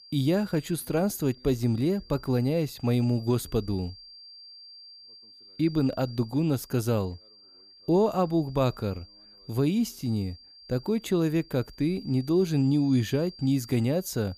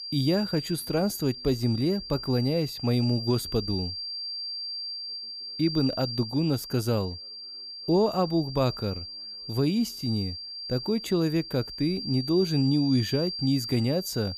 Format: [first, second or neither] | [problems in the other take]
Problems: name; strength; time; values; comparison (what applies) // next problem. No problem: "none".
first | high-pitched whine; loud; throughout; 4.5 kHz, 8 dB below the speech; faint in the first